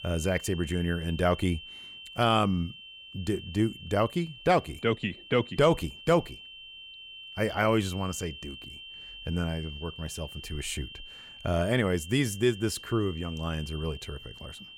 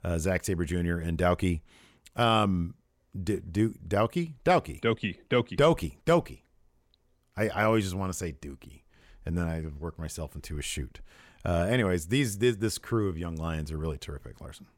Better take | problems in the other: second | high-pitched whine; noticeable; throughout; 3 kHz, 15 dB below the speech

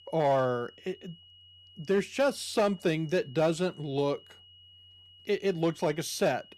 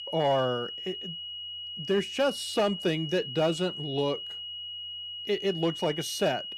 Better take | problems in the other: first | high-pitched whine; loud; throughout; 3 kHz, 7 dB below the speech; faint in the first

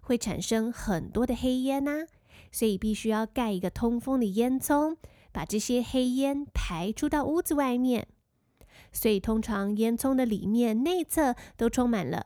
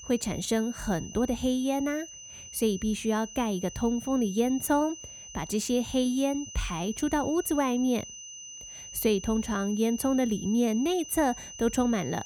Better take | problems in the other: first | high-pitched whine; noticeable; throughout; 6 kHz, 15 dB below the speech

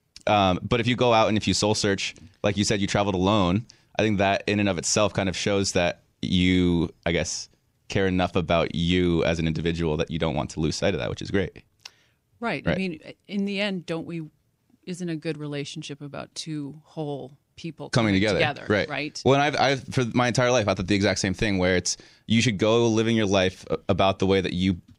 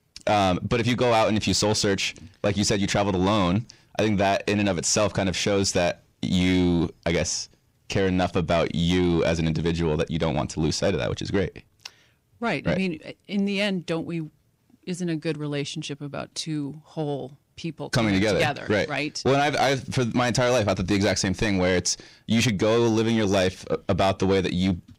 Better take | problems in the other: first | distortion; slight; 10 dB below the speech

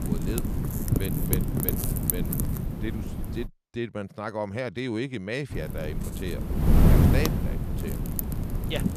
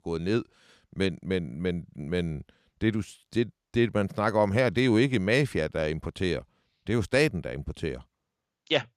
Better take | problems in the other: second | wind noise on the microphone; heavy; until 3.5 s and from 5.5 s on; 1 dB above the speech

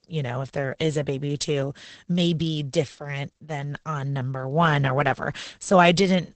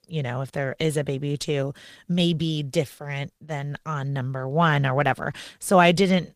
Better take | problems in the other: second | garbled, watery; badly; nothing above 8 kHz; slightly in the second

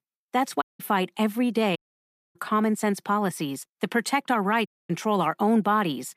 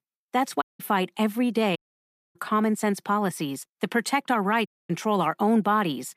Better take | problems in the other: neither | audio cutting out; at 0.5 s, at 2 s for 0.5 s and at 4.5 s; the same in both

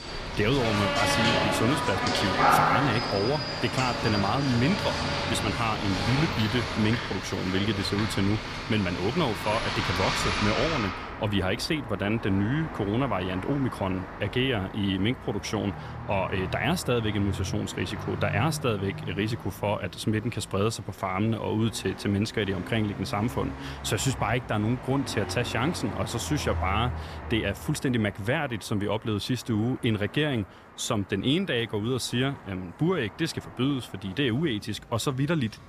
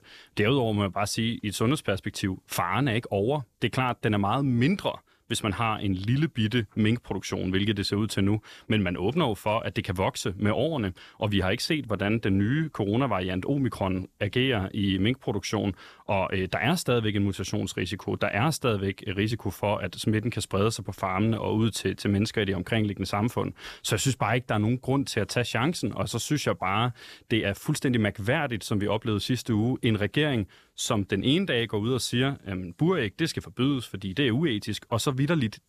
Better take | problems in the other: second | traffic noise; loud; throughout; 3 dB below the speech

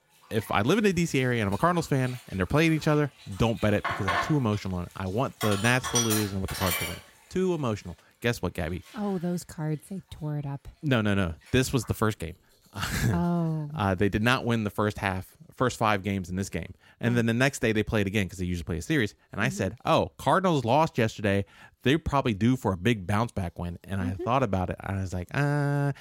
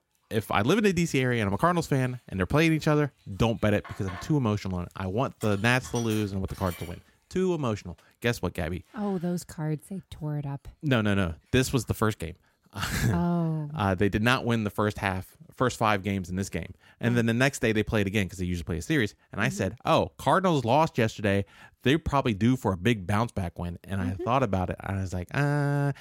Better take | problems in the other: second | household noises; loud; throughout; 6 dB below the speech; faint in the second

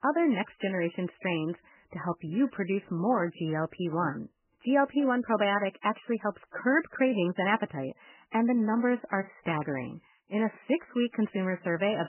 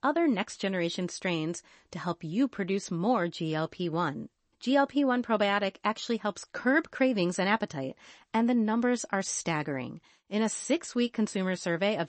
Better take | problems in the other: second | garbled, watery; badly; nothing above 3 kHz; slightly in the second

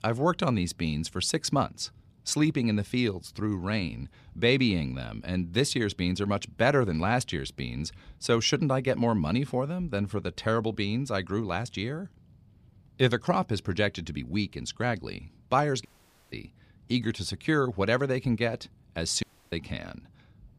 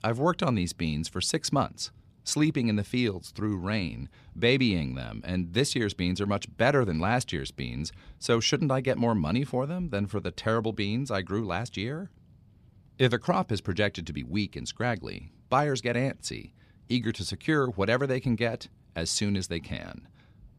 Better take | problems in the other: second | audio cutting out; at 16 s and at 19 s

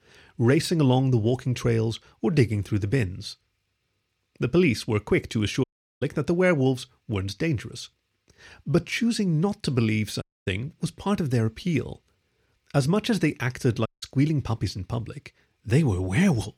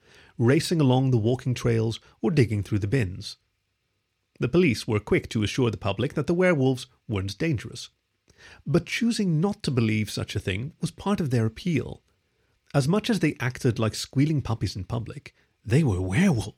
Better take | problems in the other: second | audio cutting out; at 5.5 s, at 10 s and at 14 s

